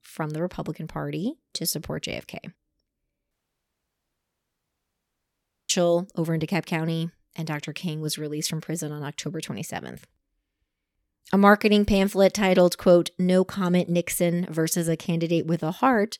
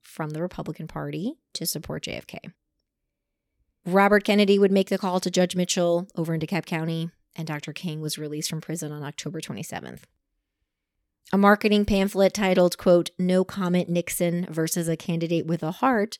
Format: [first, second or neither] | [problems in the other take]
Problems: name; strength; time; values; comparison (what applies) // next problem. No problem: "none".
second | audio cutting out; at 3.5 s for 2.5 s